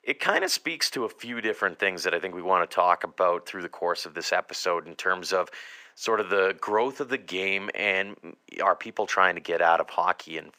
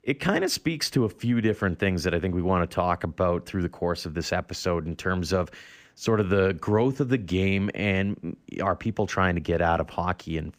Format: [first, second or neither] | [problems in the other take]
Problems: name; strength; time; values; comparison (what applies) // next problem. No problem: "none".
second | thin; very; fading below 600 Hz